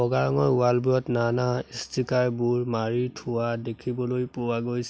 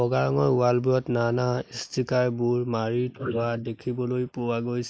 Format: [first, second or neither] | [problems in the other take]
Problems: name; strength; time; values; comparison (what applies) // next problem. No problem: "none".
first | noise reduction (neural mask model Resemble Enhance denoiser)